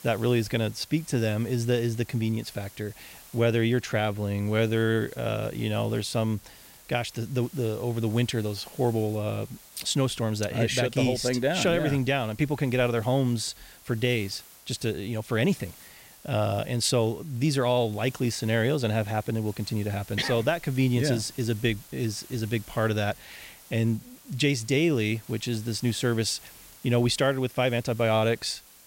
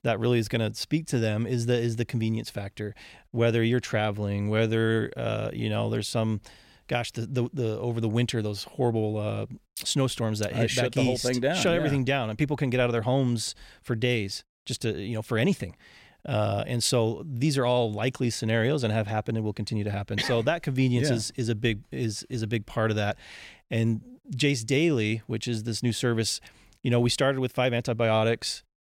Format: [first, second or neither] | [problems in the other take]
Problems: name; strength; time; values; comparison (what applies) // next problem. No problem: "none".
second | hiss; faint; throughout; 20 dB below the speech